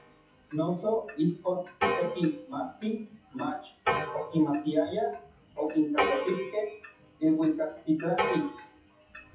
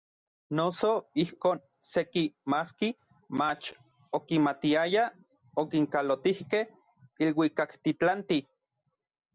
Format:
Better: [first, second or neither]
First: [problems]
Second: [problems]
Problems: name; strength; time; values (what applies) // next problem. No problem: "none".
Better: second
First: noise reduction (classical method WPE with log-MMSE)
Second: none